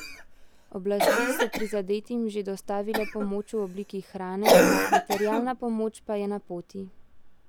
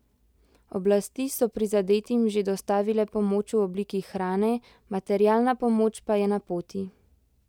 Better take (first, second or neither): second